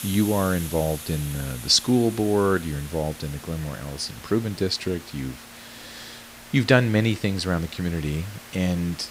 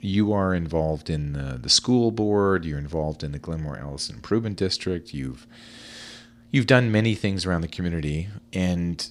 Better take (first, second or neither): second